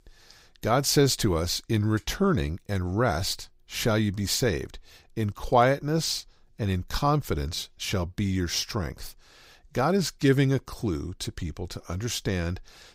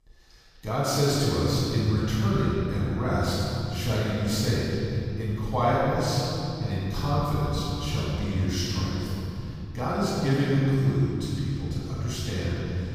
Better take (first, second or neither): first